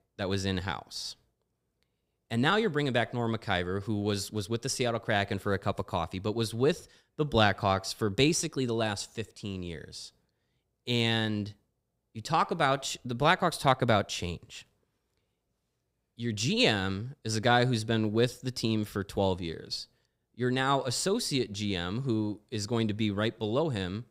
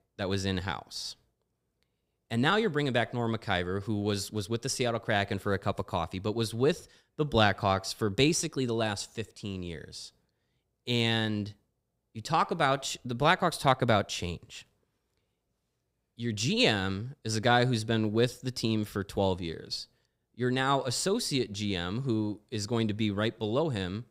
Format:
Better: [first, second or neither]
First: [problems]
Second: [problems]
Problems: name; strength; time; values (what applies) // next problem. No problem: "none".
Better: neither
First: none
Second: none